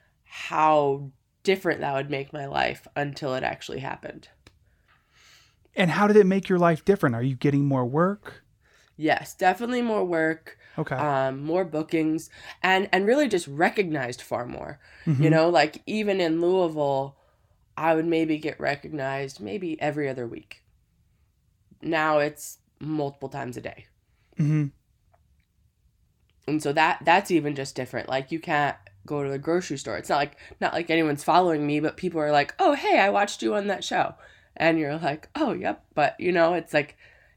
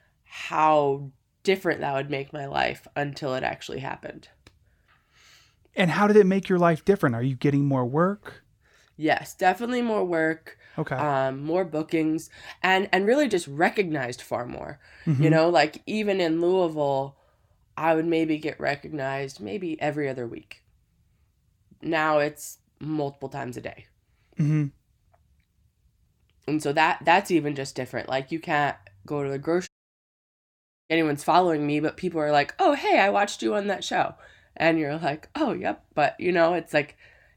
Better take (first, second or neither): first